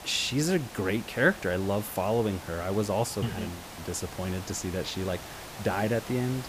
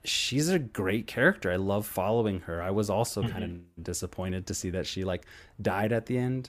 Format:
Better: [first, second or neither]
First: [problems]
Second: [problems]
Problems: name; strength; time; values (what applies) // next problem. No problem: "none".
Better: second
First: hiss; noticeable; throughout; 10 dB below the speech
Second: none